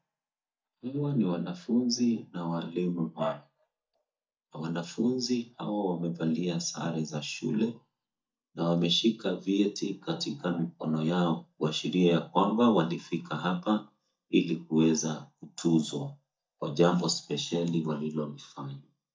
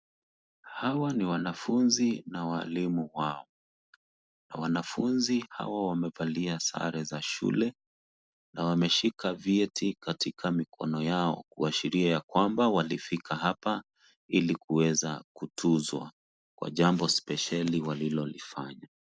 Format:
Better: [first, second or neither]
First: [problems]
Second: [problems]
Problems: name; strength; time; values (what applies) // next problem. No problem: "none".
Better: second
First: noise reduction (neural mask model DeepFilterNet 3)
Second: none